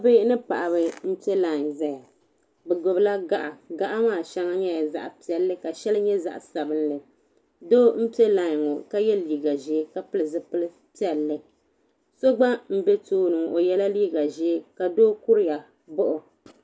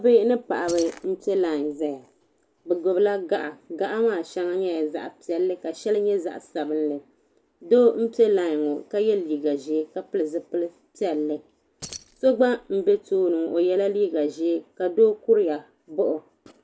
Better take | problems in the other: first | background sound (Keys jangling); 20 dB below the speech

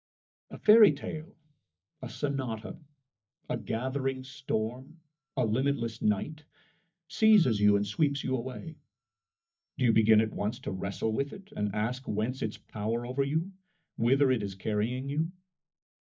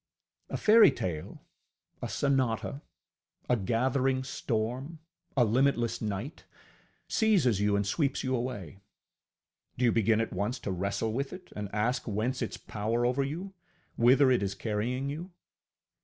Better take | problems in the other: second | noise reduction (neural mask model DeepFilterNet 3)

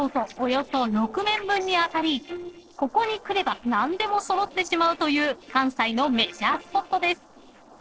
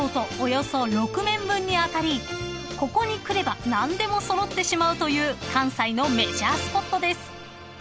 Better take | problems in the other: second | noise reduction (neural separator model SepFormer DNS4)

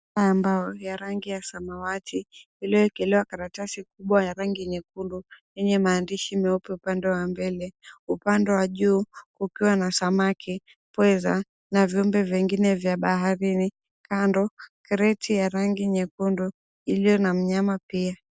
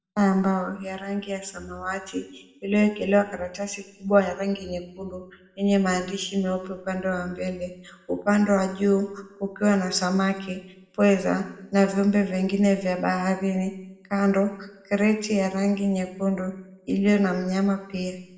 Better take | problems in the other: first | room echo; dies away in 0.8 s

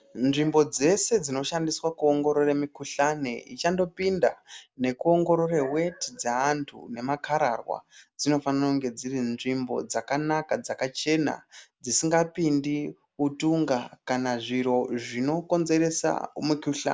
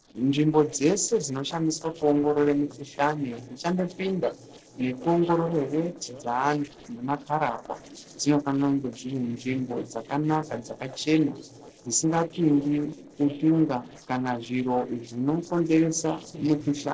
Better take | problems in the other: first | noise reduction (neural separator model SepFormer DNS4)

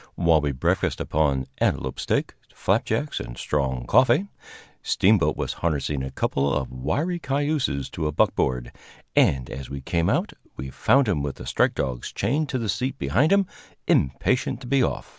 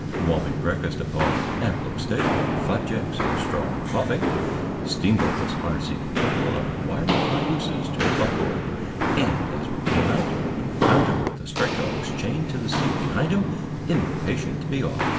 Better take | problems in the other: first | background sound (Walk, footsteps); 3 dB above the speech // room echo; dies away in 1.9 s

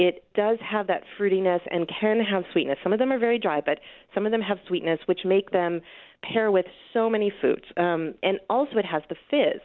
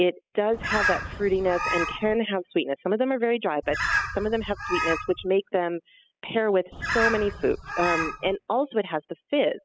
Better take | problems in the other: first | noise reduction (classical method spectral subtraction)

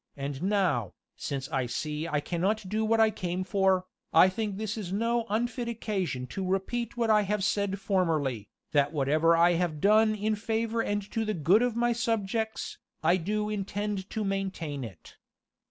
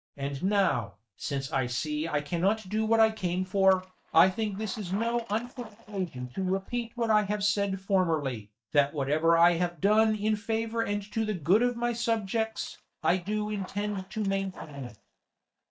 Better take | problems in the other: first | noise reduction (neural mask model DeepFilterNet 3)

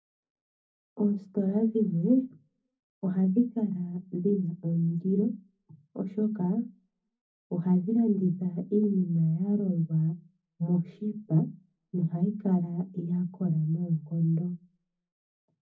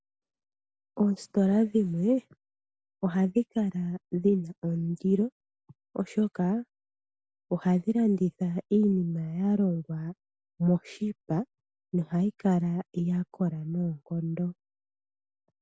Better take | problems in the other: second | room echo; dies away in 0.4 s

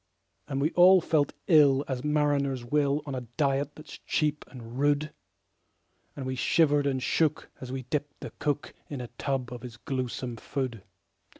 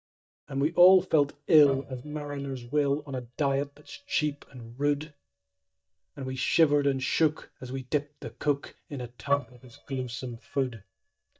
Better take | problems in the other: first | noise reduction (neural mask model DeepFilterNet 3)

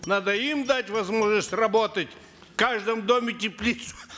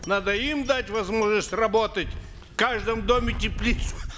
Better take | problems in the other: first | background sound (Wind); 8 dB below the speech

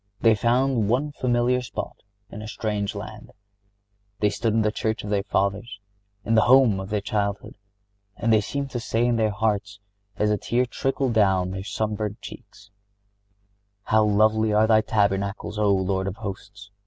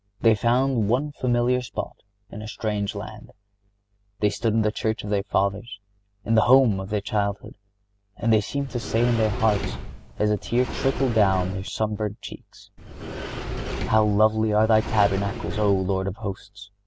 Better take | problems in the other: first | background sound (Sliding door); 7 dB below the speech

